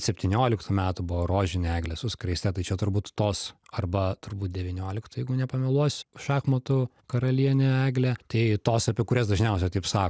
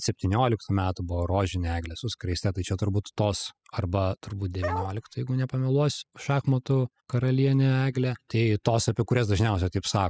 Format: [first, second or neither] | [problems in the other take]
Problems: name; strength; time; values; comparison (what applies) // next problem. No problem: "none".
first | noise reduction (classical method spectral subtraction)